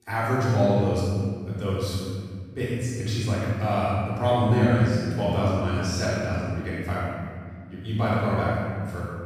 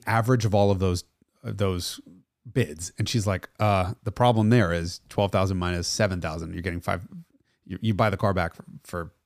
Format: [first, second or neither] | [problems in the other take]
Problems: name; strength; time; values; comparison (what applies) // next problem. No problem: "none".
second | room echo; strong; dies away in 1.9 s // off-mic speech; far